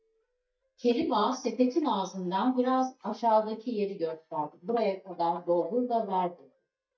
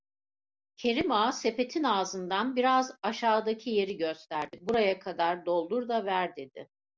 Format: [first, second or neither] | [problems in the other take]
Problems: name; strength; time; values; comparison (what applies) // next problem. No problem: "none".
second | noise reduction (neural mask model DeepFilterNet 3)